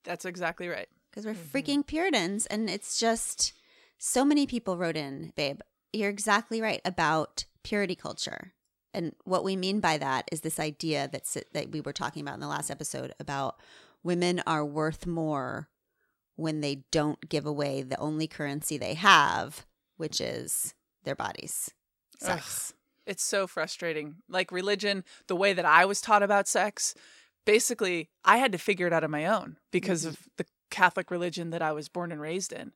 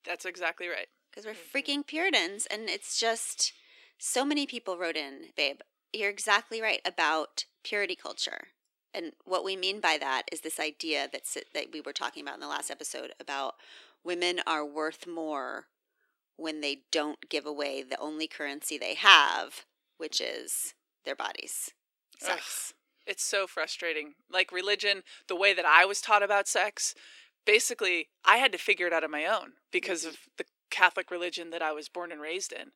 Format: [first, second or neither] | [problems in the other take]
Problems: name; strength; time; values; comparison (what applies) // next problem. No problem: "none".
first | thin; somewhat; fading below 300 Hz